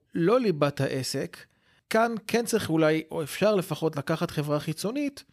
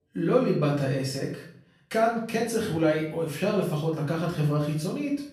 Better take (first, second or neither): first